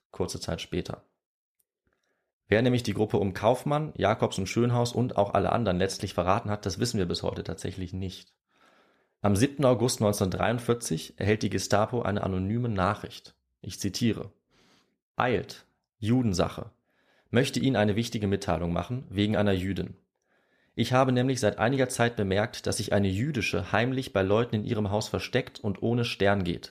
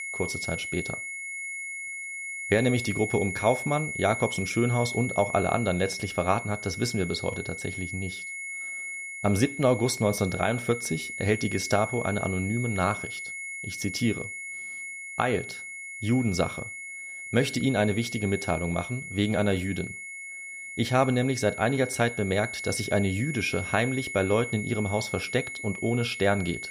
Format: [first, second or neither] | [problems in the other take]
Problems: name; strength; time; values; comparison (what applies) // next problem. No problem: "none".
first | high-pitched whine; loud; throughout; 2 kHz, 7 dB below the speech